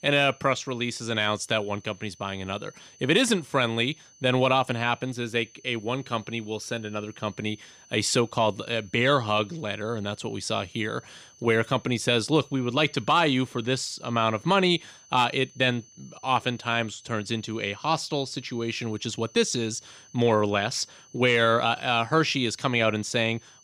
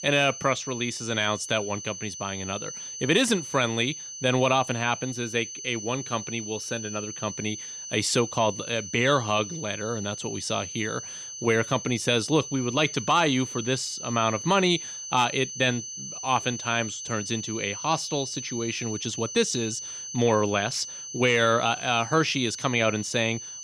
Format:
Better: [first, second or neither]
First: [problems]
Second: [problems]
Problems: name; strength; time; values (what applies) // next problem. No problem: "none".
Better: first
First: high-pitched whine; faint; throughout; 6 kHz, 25 dB below the speech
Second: high-pitched whine; loud; throughout; 6 kHz, 9 dB below the speech